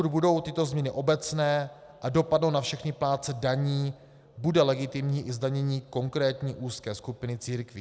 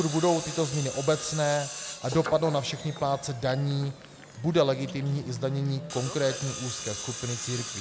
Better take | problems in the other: first | background sound (Tools); 10 dB below the speech

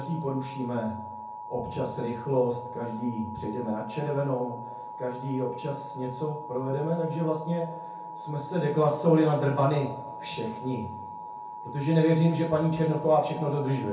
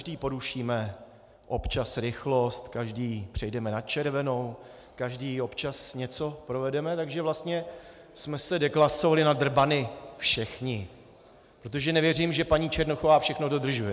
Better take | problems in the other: second | background sound (Alarm); 12 dB below the speech // room echo; dies away in 0.6 s

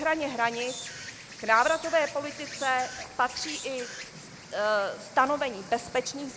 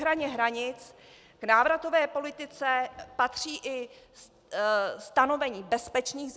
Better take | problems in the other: second | background sound (Insect); 13 dB below the speech

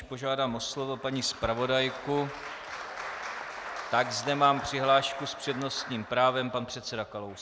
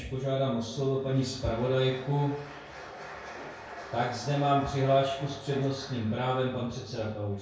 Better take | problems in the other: first | background sound (Fart); 18 dB below the speech // room echo; dies away in 0.6 s

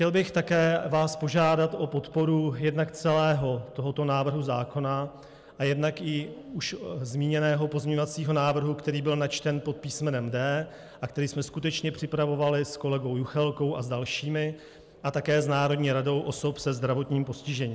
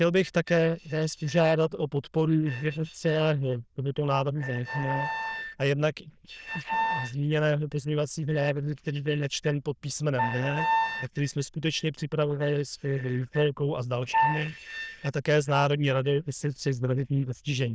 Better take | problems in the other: first | noise reduction (neural diffusion model UNIVERSE++)

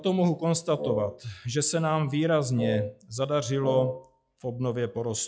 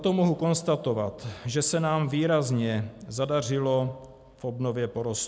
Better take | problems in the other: second | noise reduction (classical method log-MMSE)

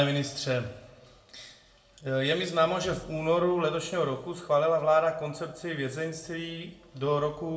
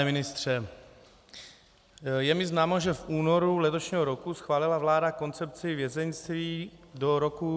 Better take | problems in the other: second | room echo; dies away in 0.4 s

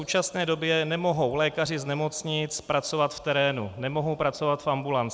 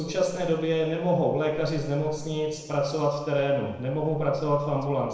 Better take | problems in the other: first | noise reduction (neural separator model SepFormer DNS4)

